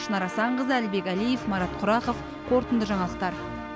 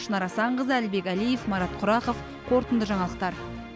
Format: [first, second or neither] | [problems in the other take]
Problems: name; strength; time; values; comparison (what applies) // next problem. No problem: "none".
second | background sound (Trumpet); 12 dB below the speech